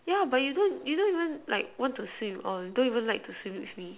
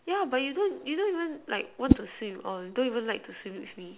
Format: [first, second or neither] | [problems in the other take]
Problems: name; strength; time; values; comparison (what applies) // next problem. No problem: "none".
first | background sound (Whoosh, swoosh, swish); as loud as the speech